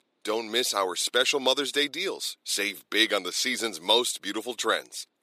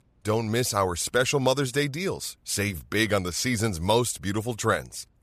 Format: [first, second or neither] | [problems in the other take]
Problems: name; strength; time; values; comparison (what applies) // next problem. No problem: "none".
second | thin; somewhat; fading below 300 Hz